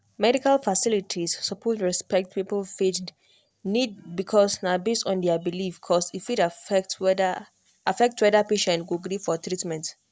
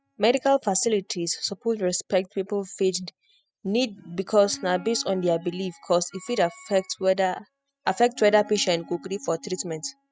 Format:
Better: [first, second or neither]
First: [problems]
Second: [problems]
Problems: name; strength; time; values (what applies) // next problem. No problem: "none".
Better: first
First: none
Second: noise reduction (classical method spectral subtraction)